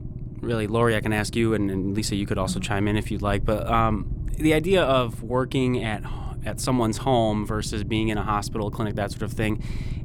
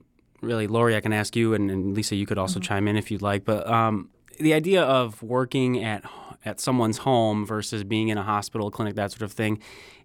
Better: second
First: low rumble; faint; throughout; 20 dB below the speech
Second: none

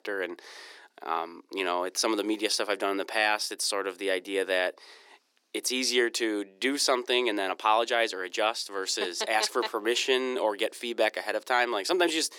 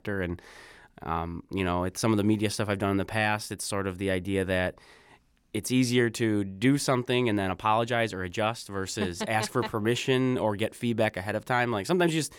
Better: second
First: thin; somewhat; fading below 350 Hz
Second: none

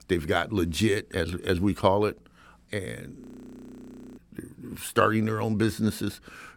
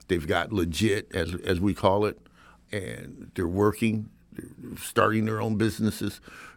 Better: second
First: audio freezing; at 3 s for 1 s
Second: none

